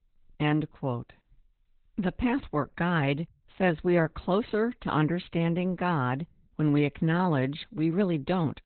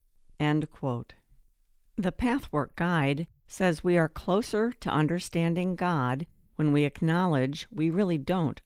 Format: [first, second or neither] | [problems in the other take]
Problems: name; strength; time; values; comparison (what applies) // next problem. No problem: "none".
second | garbled, watery; badly; nothing above 4 kHz; slightly in the second